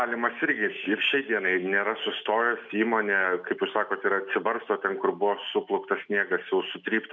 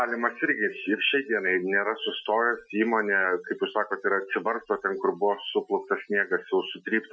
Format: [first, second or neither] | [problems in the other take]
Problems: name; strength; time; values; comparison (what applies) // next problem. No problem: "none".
first | noise reduction (classical method Wiener filter)